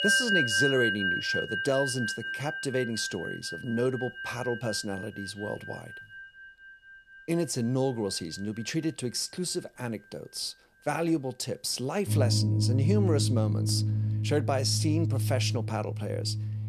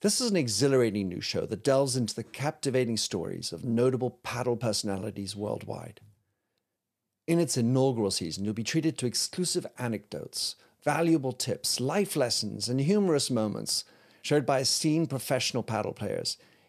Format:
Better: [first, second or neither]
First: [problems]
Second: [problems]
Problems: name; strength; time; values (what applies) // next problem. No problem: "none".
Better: second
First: background music; very loud; throughout; 1 dB above the speech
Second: none